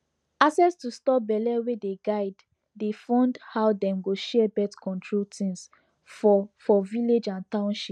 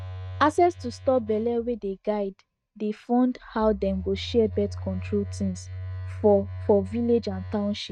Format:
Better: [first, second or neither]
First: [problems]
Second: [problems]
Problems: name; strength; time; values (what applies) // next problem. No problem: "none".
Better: first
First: none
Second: noise reduction (neural mask model RNNoise)